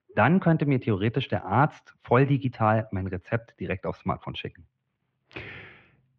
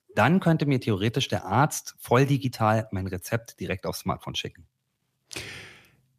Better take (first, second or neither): second